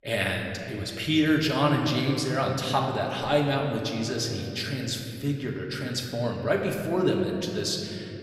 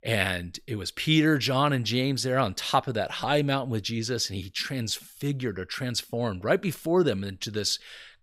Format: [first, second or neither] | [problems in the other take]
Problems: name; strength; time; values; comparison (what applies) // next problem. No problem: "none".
second | room echo; noticeable; dies away in 2.7 s // off-mic speech; somewhat distant